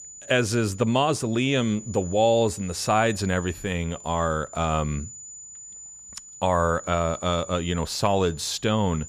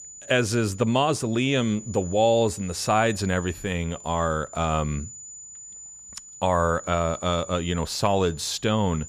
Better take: neither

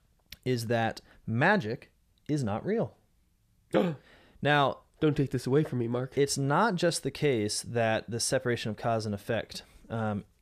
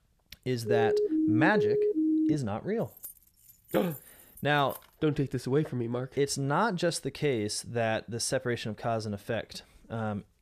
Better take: first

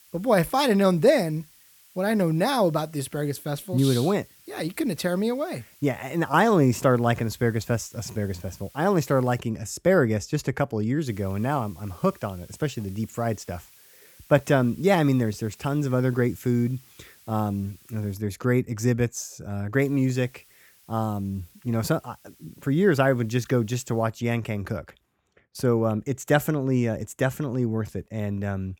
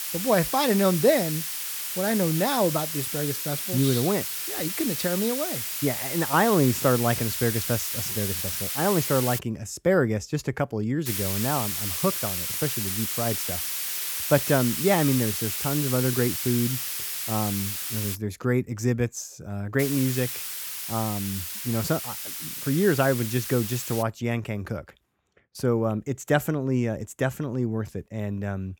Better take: first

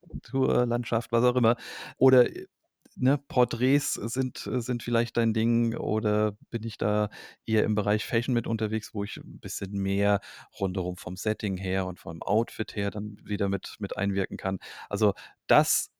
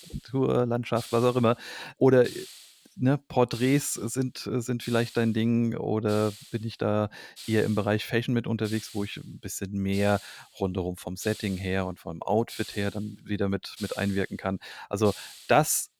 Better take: first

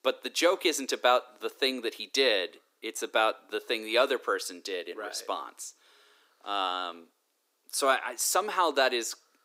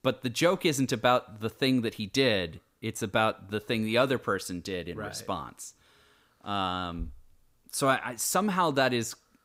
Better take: second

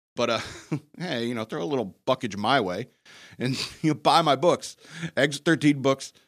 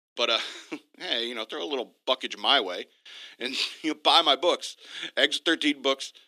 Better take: first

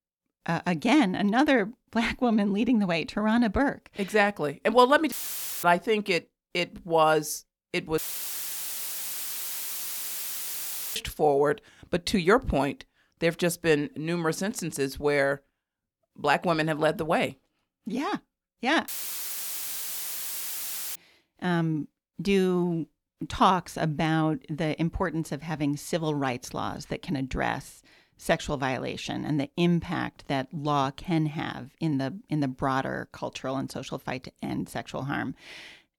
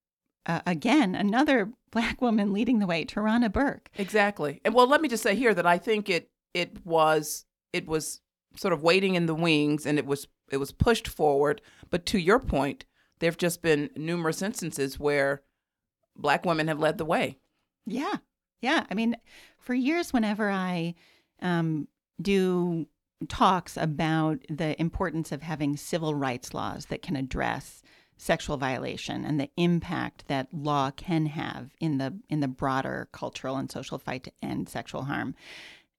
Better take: second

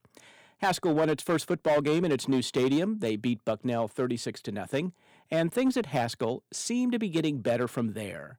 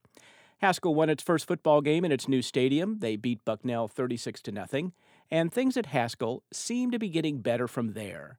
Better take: second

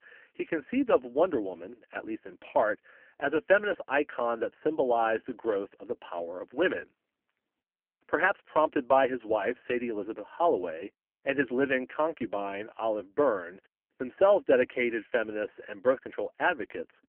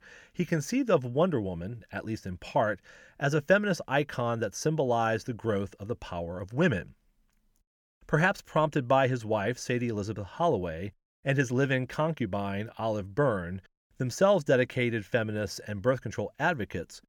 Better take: second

